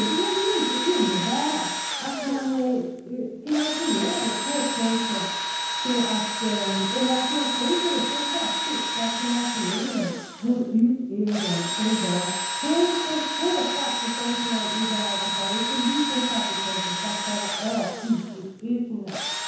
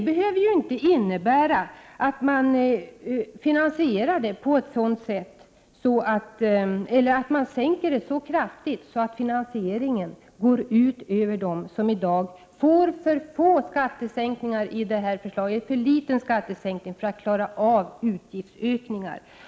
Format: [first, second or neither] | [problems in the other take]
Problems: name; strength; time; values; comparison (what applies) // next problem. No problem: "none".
second | background sound (Engine / Drill); 2 dB below the speech // room echo; dies away in 0.9 s